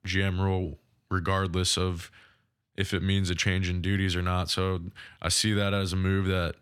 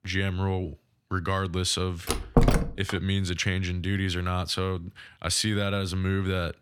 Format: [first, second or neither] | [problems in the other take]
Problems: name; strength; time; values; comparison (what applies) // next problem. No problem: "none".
first | door banging; loud; at 2 s; peak 5 dB above the speech